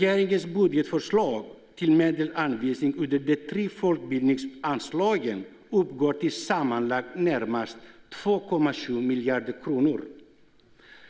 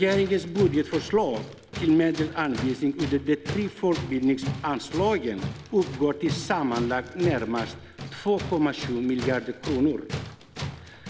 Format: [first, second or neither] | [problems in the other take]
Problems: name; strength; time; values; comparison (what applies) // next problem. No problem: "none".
first | background sound (Tools); 10 dB below the speech